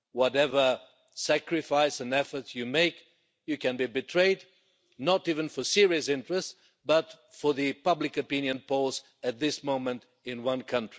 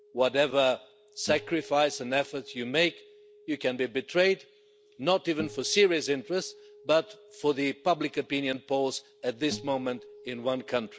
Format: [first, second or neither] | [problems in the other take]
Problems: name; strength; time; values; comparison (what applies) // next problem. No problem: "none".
first | background sound (Acoustic guitar); 20 dB below the speech